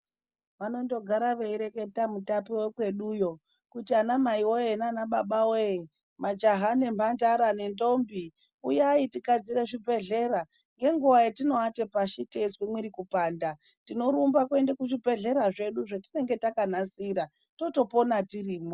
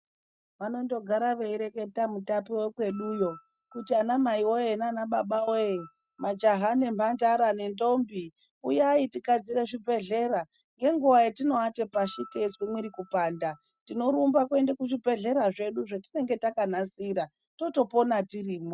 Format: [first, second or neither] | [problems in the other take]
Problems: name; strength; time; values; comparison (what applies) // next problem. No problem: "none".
first | noise reduction (neural mask model RNNoise)